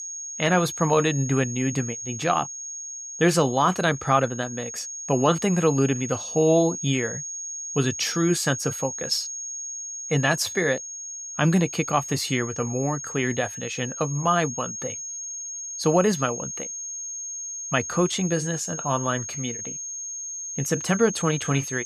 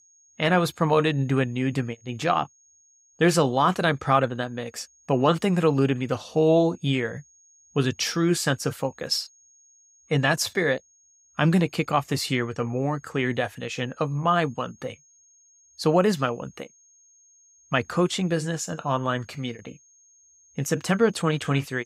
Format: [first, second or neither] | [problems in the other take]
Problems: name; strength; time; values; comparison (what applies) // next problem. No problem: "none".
second | high-pitched whine; loud; throughout; 6.5 kHz, 7 dB below the speech; faint in the second